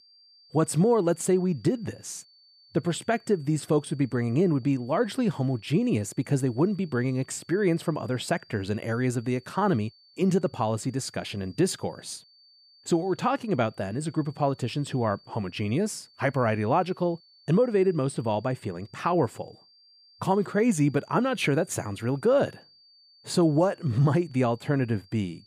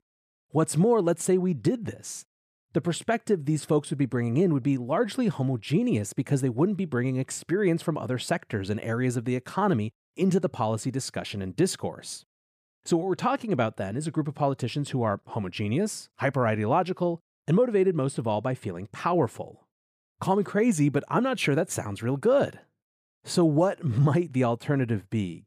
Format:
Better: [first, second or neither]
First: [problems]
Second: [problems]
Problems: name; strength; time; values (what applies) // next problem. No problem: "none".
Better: second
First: high-pitched whine; faint; throughout; 4.5 kHz, 30 dB below the speech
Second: none